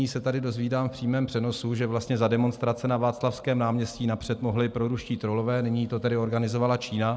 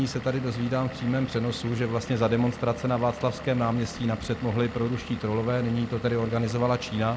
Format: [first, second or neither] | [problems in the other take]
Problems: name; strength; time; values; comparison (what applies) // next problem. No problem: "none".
first | background sound (Engine / Vehicle); 14 dB below the speech